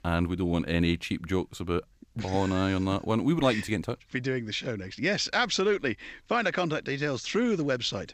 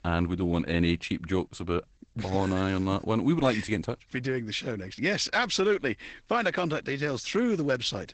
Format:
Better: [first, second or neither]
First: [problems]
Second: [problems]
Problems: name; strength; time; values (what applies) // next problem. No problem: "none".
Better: first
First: none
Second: garbled, watery; badly; nothing above 8 kHz